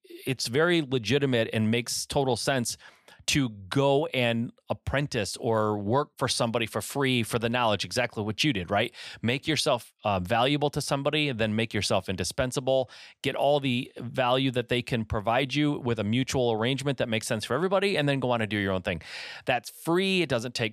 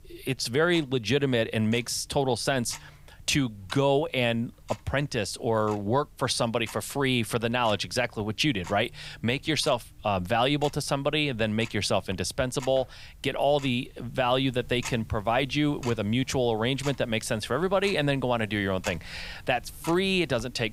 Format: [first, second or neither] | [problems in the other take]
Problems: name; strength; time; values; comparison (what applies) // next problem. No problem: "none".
first | household noises; faint; throughout; 20 dB below the speech